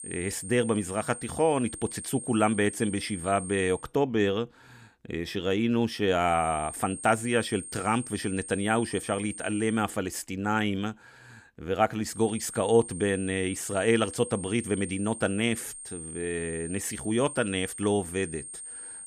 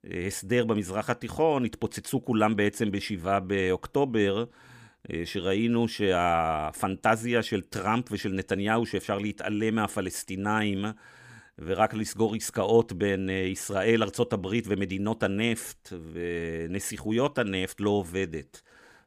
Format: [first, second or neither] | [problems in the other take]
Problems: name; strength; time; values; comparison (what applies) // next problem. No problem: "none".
second | high-pitched whine; noticeable; until 4 s, from 6.5 to 10 s and from 12 s on; 8.5 kHz, 10 dB below the speech